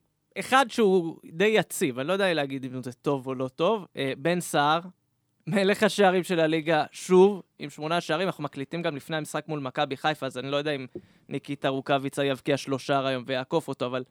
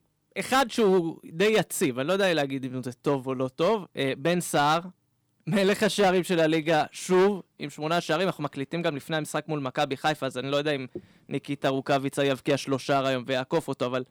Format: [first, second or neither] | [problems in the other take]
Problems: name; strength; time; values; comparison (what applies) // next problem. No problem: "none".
first | distortion; slight; 5% of the sound clipped